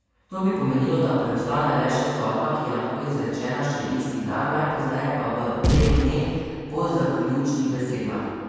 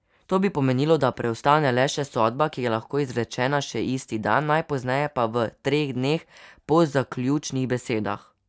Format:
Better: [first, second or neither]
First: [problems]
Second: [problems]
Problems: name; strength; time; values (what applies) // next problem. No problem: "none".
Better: second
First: background sound (Boom); 1 dB above the speech // room echo; dies away in 2.1 s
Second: none